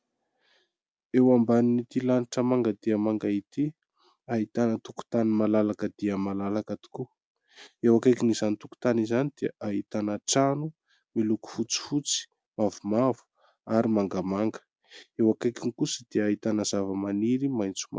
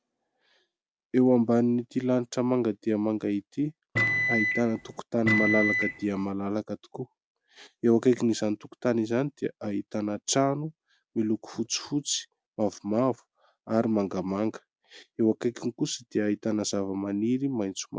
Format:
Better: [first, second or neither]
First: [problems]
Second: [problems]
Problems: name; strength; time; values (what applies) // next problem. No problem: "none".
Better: first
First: none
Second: background sound (Microwave oven); as loud as the speech